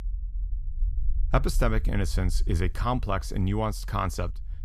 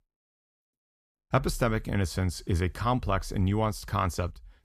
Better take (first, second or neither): second